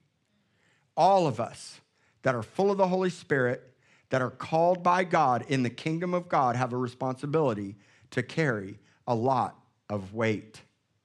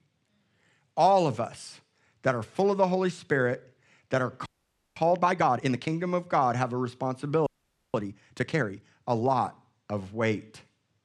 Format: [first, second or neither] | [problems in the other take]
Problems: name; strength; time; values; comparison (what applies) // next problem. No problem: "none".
first | audio freezing; at 4.5 s for 0.5 s and at 7.5 s